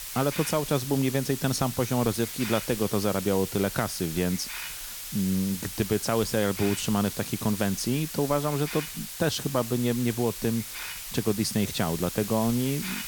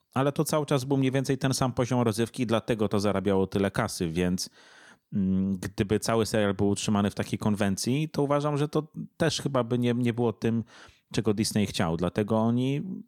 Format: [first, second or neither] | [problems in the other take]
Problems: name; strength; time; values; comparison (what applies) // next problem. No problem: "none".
second | hiss; loud; throughout; 7 dB below the speech